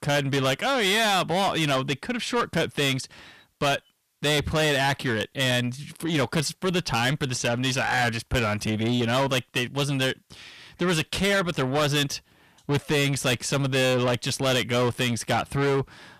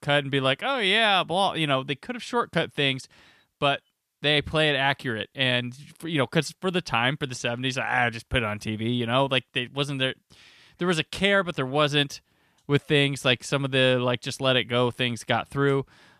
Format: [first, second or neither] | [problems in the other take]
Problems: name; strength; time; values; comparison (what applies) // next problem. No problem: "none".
second | distortion; heavy; 6 dB below the speech